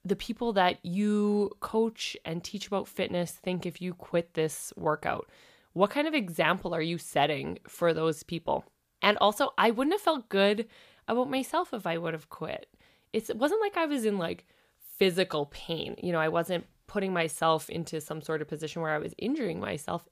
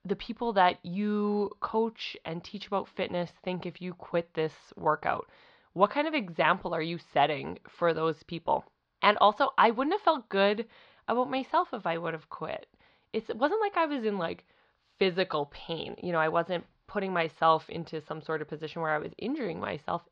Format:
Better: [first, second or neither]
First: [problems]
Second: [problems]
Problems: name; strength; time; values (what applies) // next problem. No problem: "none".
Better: first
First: none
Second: muffled; very slightly; fading above 4.5 kHz